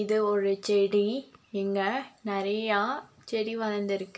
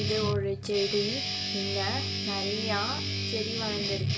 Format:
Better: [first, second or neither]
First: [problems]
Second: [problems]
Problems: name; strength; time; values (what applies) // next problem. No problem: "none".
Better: first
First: none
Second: background sound (Guitar); 1 dB above the speech